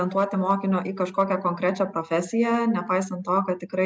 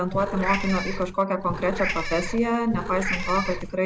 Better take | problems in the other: first | background sound (Meow / Purr); 5 dB below the speech

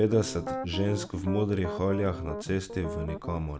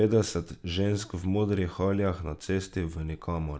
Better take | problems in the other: second | background sound (Piano); 8 dB below the speech

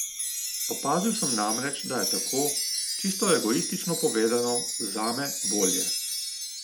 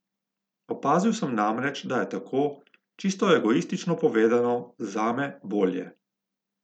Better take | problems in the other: second | background sound (Wind chime); 1 dB below the speech

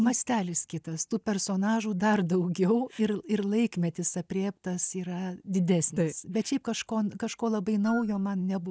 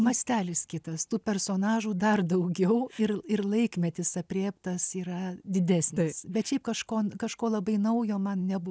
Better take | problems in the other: second | noise reduction (neural mask model DeepFilterNet 3)

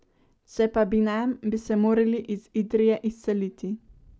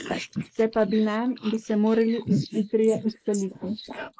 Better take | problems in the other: first | noise reduction (neural mask model Resemble Enhance denoiser)

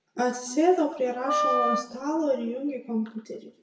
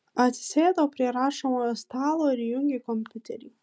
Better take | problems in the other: second | background sound (Wind instrument, woodwind instrument); 1 dB below the speech // room echo; dies away in 0.8 s

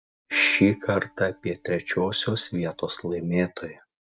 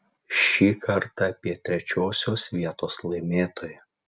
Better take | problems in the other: second | noise reduction (neural mask model DeepFilterNet 3)

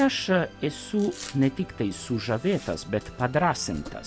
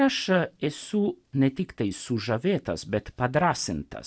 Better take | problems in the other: second | background sound (Musical instrument + Domestic sounds, home sounds); 16 dB below the speech

